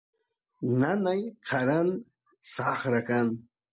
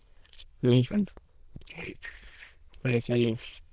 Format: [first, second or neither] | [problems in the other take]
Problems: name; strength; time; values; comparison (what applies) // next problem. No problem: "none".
first | noise reduction (neural diffusion model UNIVERSE++)